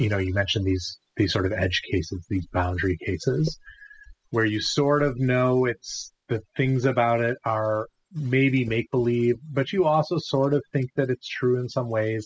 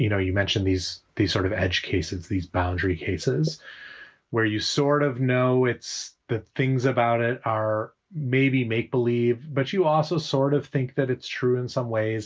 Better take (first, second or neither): second